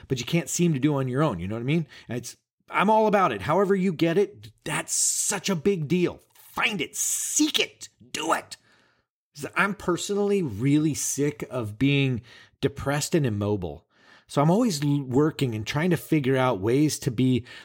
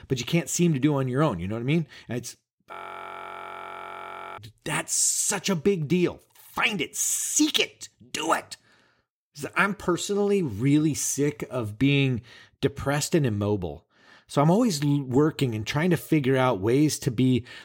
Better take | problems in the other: first | audio freezing; at 2.5 s for 1.5 s

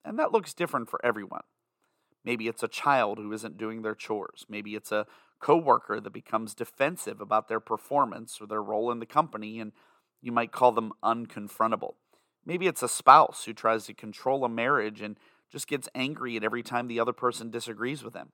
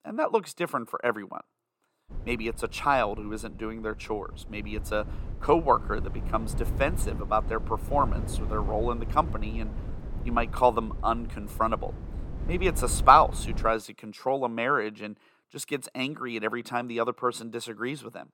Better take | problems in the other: first | low rumble; faint; from 2 to 14 s; 20 dB below the speech

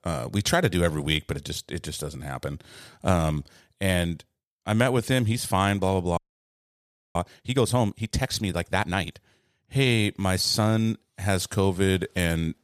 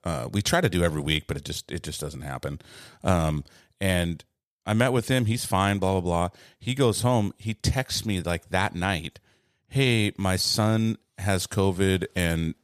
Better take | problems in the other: second | audio freezing; at 6 s for 1 s

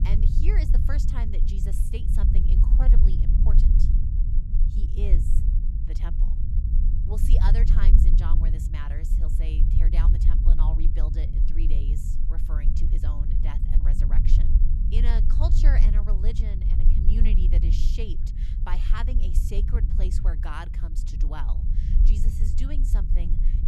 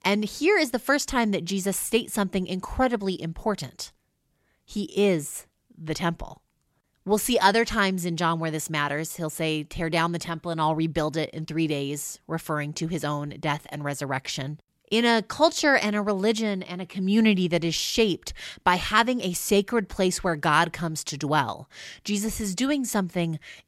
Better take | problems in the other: second | low rumble; loud; throughout; 2 dB below the speech

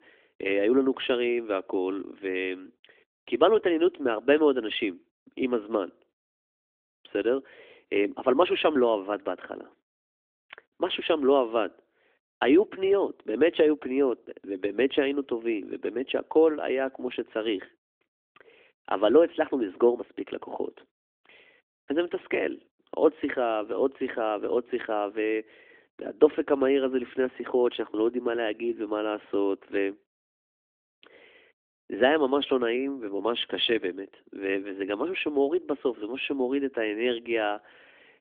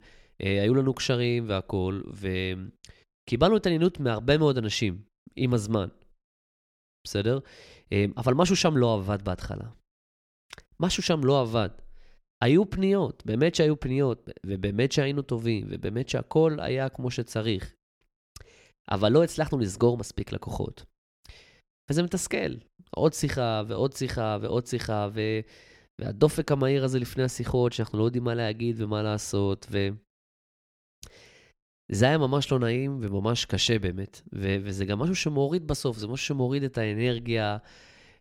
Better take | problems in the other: second | phone-call audio; nothing above 3.5 kHz

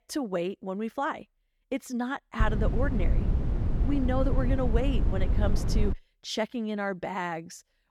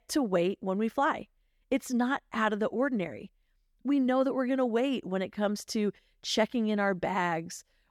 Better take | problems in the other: second | wind noise on the microphone; heavy; from 2.5 to 6 s; 8 dB below the speech

